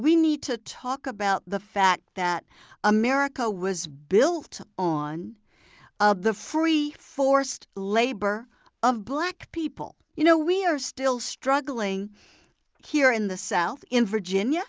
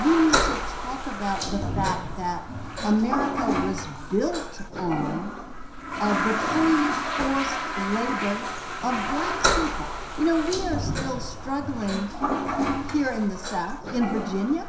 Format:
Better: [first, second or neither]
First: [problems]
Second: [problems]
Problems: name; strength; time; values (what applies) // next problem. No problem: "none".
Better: first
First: none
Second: background sound (Toilet flush); 1 dB below the speech // room echo; dies away in 0.7 s